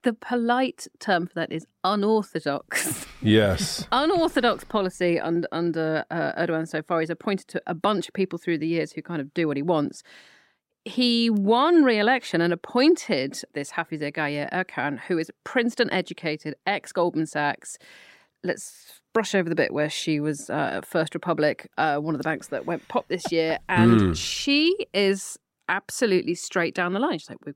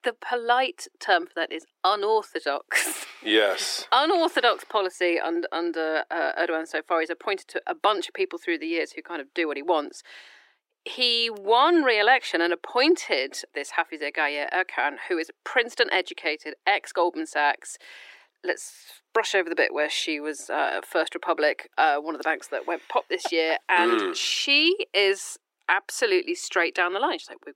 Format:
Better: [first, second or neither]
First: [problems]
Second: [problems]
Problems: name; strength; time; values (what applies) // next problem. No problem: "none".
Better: first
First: none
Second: thin; very; fading below 350 Hz